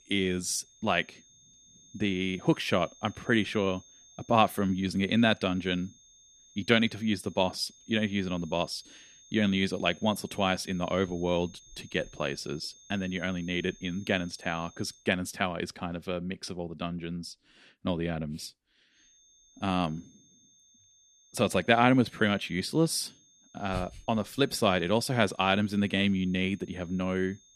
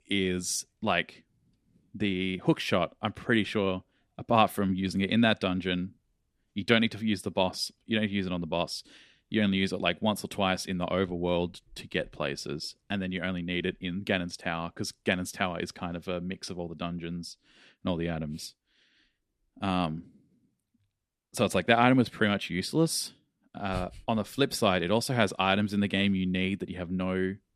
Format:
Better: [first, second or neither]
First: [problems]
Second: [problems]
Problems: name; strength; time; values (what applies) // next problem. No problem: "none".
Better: second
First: high-pitched whine; faint; until 15 s and from 19 s on; 6.5 kHz, 25 dB below the speech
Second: none